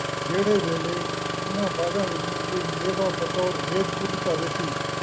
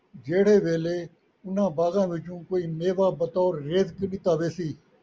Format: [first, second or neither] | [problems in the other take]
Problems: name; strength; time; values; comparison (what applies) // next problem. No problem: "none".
second | background sound (Engine starting); as loud as the speech